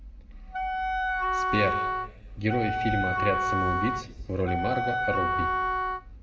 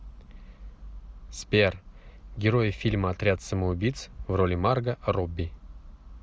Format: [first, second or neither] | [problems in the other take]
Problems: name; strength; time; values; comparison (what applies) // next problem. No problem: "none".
second | background sound (Wind instrument, woodwind instrument); 3 dB above the speech // room echo; dies away in 1.3 s